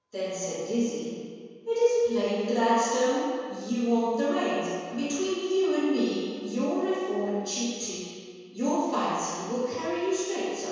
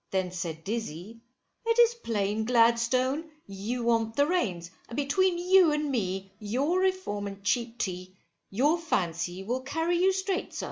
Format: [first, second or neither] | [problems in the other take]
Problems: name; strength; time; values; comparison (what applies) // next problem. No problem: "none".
second | room echo; dies away in 1.9 s